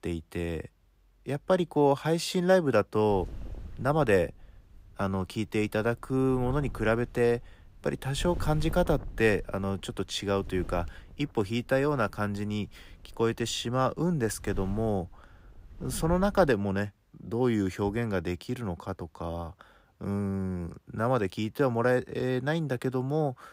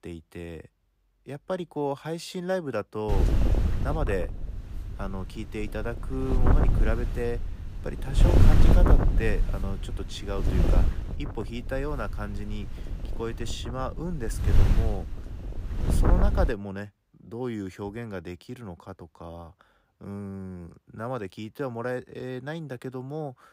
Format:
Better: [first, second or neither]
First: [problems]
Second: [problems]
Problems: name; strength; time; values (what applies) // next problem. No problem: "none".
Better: first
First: wind noise on the microphone; occasional gusts; from 3 to 17 s; 25 dB below the speech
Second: wind noise on the microphone; heavy; from 3 to 17 s; 1 dB below the speech